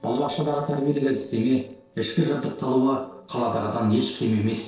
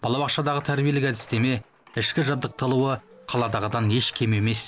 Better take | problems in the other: second | noise reduction (neural separator model SepFormer DNS4)

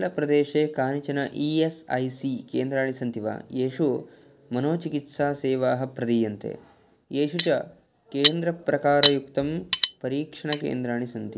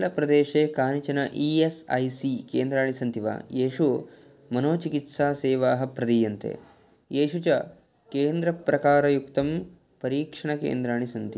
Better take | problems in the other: second | background sound (Cutlery, silverware); 4 dB below the speech

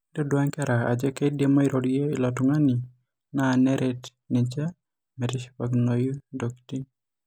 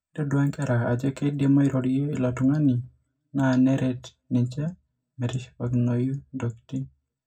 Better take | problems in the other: first | room echo; dies away in 0.4 s

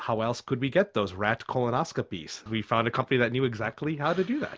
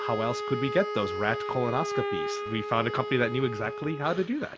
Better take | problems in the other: first | background sound (Wind instrument, woodwind instrument); 5 dB below the speech

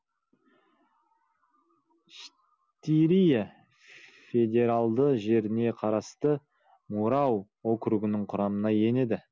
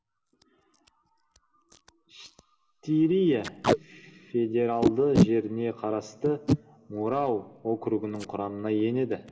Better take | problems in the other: first | background sound (Packing tape, duct tape); 4 dB below the speech // room echo; dies away in 2.6 s

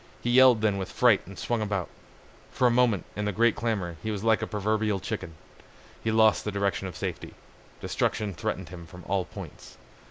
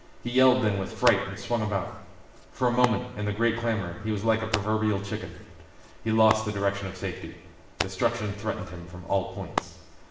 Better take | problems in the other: first | background sound (Hands); 11 dB below the speech // room echo; dies away in 1 s

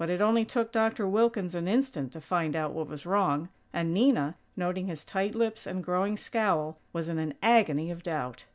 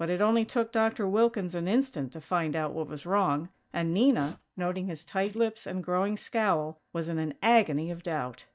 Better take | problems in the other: first | noise reduction (neural mask model DeepFilterNet 3)

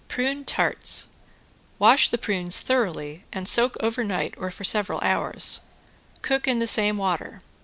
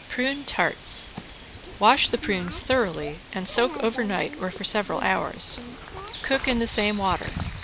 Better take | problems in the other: first | background sound (Bird vocalization, bird call, bird song); 11 dB below the speech

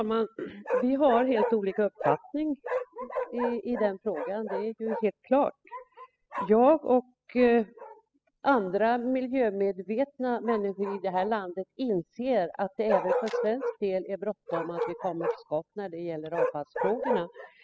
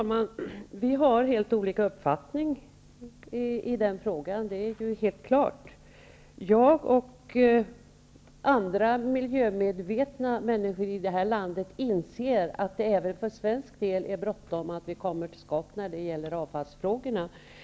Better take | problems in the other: second | noise reduction (classical method spectral subtraction)

